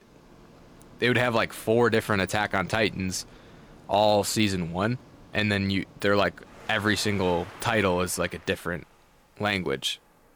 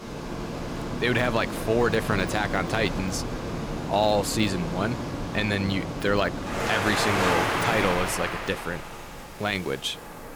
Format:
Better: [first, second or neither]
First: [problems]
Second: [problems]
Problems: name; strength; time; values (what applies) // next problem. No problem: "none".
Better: first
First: rain or running water; faint; throughout; 25 dB below the speech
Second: rain or running water; loud; throughout; 3 dB below the speech